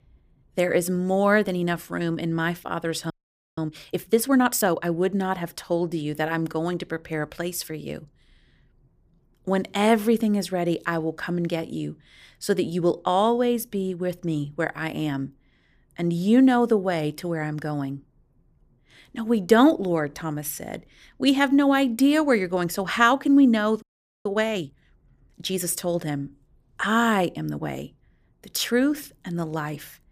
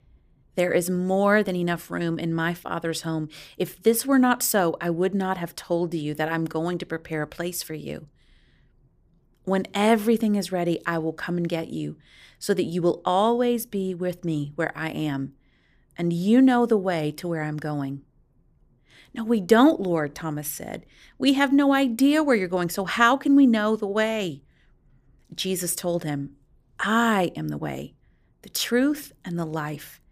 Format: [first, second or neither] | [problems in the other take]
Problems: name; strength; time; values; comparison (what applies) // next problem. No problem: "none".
second | audio freezing; at 3 s and at 24 s